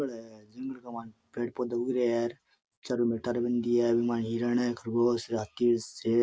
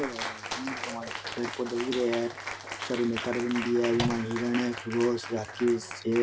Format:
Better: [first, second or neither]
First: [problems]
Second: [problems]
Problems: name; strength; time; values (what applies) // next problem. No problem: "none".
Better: first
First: none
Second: background sound (Microwave oven + Cheering); 8 dB below the speech